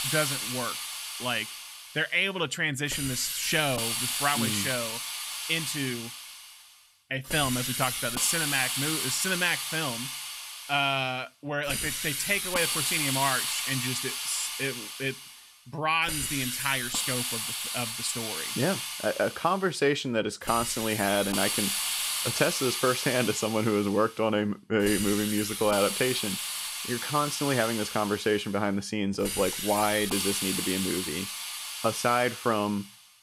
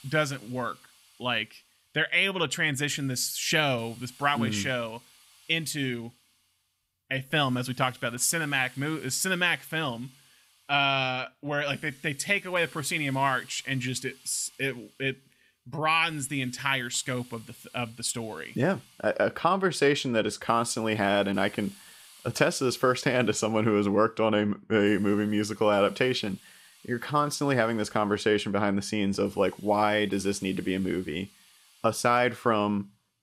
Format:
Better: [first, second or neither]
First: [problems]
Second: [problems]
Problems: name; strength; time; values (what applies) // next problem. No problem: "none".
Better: second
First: hiss; loud; throughout; 2 dB below the speech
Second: hiss; faint; throughout; 25 dB below the speech